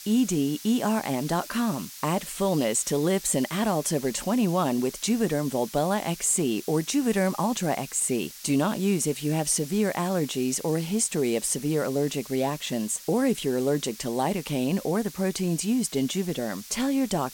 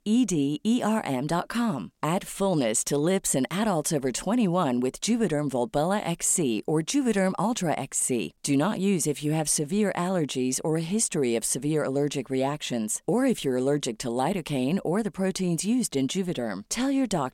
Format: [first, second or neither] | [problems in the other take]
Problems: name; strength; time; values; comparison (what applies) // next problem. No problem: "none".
second | hiss; noticeable; throughout; 15 dB below the speech